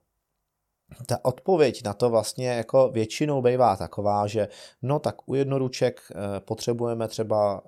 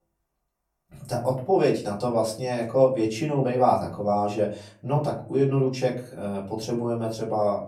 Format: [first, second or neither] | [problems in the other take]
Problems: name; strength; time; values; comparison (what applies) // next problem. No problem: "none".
first | room echo; slight; dies away in 0.4 s // off-mic speech; far